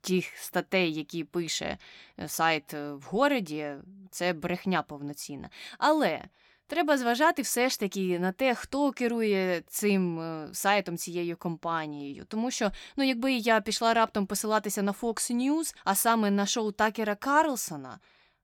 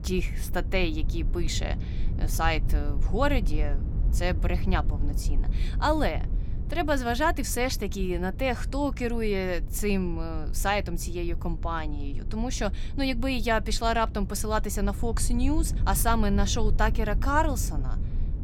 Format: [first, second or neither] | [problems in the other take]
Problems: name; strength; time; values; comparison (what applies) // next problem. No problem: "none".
first | low rumble; noticeable; throughout; 20 dB below the speech